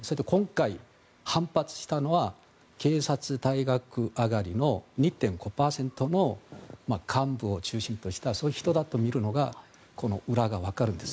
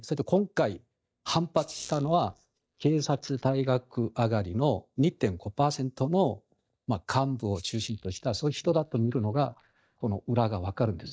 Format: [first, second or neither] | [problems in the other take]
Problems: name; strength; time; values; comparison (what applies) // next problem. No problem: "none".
first | noise reduction (neural mask model DeepFilterNet 3)